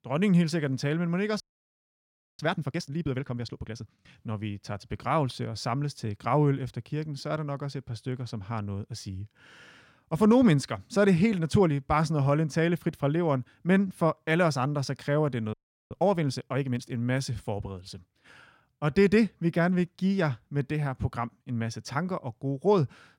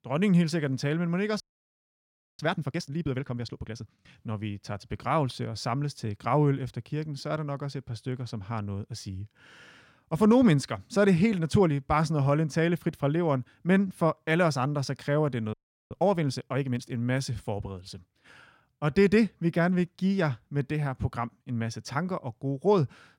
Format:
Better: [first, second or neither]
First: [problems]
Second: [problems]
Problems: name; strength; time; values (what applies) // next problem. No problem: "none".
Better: neither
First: audio freezing; at 1.5 s for 1 s and at 16 s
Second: audio freezing; at 1.5 s for 1 s and at 16 s